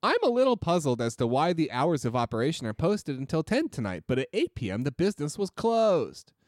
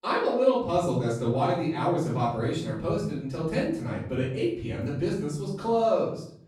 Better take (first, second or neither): first